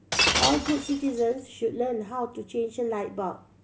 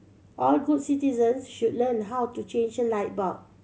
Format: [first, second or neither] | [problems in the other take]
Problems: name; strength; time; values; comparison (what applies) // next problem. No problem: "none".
second | background sound (Shatter); as loud as the speech